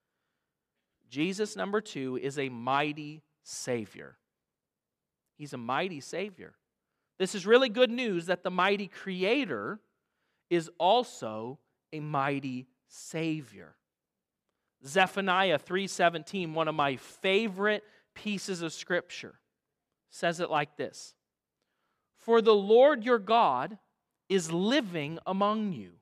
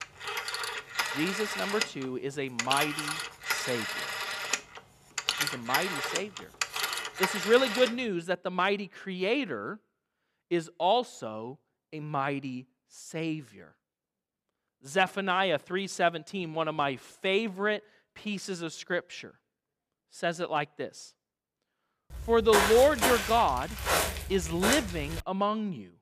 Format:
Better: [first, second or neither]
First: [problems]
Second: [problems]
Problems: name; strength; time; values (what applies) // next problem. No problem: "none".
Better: first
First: none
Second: phone ringing; loud; until 8 s; peak 1 dB above the speech // footsteps; loud; from 22 to 25 s; peak 4 dB above the speech